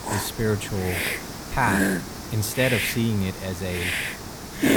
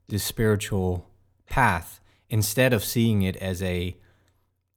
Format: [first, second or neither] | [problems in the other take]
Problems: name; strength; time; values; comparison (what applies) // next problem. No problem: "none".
second | hiss; loud; throughout; 2 dB below the speech